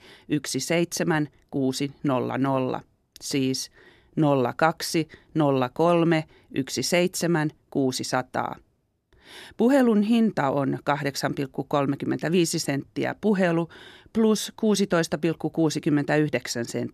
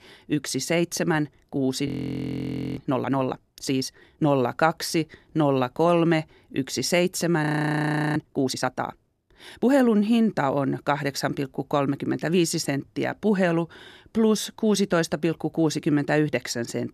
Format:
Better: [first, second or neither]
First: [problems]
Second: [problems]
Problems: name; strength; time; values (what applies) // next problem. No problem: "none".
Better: first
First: none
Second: audio freezing; at 2 s for 1 s and at 7.5 s for 0.5 s